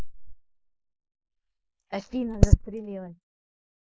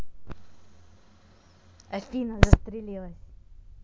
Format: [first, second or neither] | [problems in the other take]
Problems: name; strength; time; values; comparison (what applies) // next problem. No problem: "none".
second | noise reduction (neural mask model Resemble Enhance denoiser)